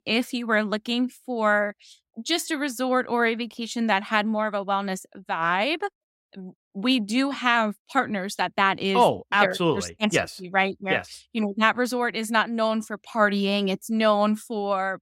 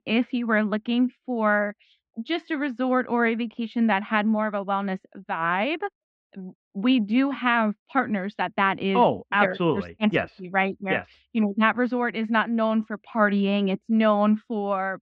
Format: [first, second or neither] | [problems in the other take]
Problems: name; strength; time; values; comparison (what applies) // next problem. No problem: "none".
first | muffled; very; fading above 3 kHz